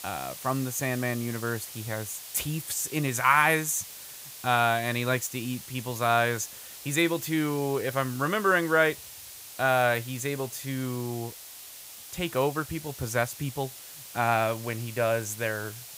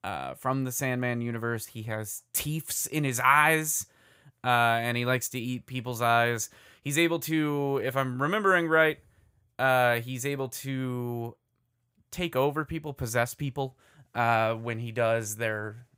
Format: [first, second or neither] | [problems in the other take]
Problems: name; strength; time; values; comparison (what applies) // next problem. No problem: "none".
second | hiss; noticeable; throughout; 15 dB below the speech